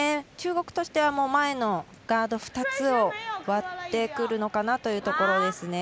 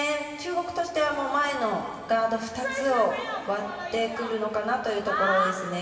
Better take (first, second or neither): first